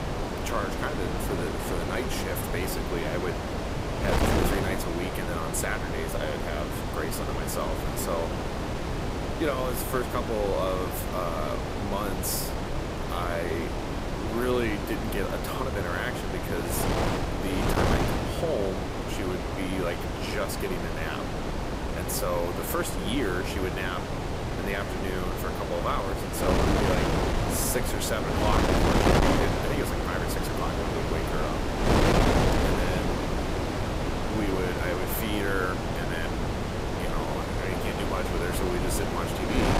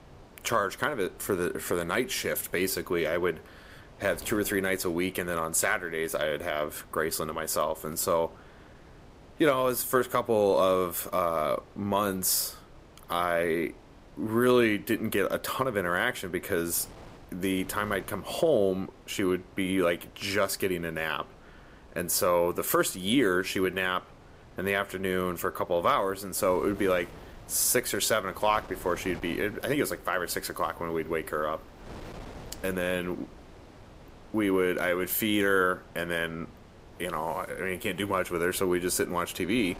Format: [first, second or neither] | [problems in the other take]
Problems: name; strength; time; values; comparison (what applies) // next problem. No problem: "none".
second | wind noise on the microphone; heavy; 2 dB above the speech; occasional gusts in the second